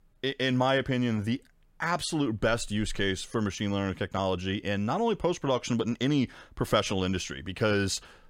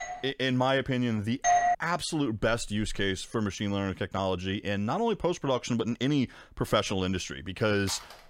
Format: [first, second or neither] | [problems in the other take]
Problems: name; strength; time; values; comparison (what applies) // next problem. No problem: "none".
first | doorbell; faint; at the start; peak 10 dB below the speech // doorbell; loud; at 1.5 s; peak 5 dB above the speech // phone ringing; faint; at 8 s; peak 10 dB below the speech